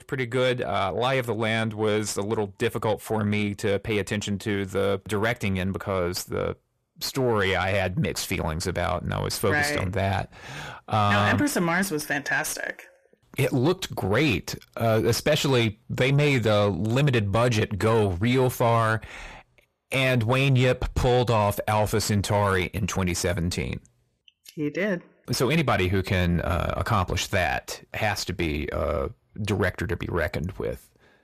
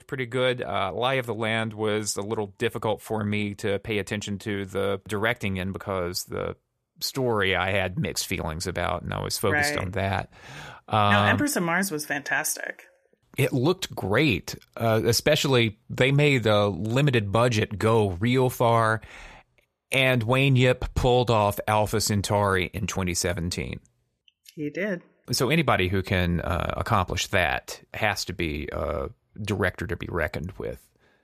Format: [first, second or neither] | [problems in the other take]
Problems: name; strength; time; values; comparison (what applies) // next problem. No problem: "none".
second | distortion; slight; 10 dB below the speech